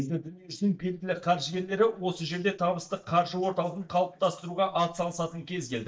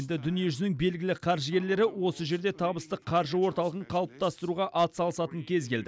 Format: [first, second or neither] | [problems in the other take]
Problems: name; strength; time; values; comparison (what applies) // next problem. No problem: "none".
second | noise reduction (neural mask model DeepFilterNet 3)